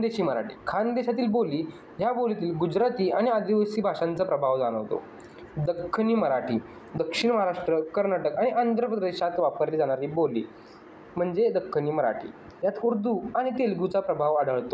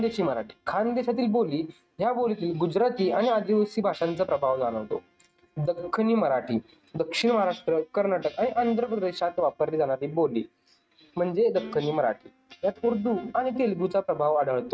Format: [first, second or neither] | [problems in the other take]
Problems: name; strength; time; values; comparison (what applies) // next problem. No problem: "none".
first | noise reduction (neural mask model RNNoise)